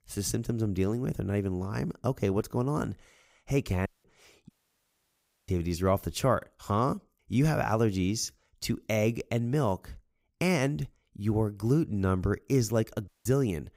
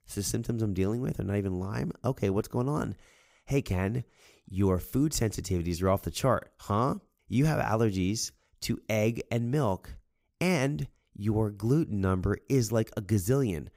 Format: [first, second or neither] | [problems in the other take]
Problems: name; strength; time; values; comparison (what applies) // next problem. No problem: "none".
second | audio cutting out; at 4 s, at 4.5 s for 1 s and at 13 s